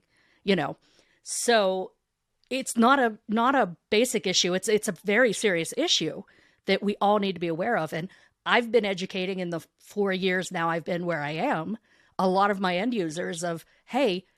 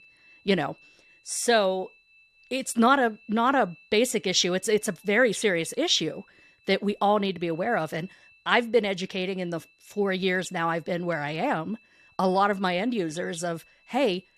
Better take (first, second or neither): first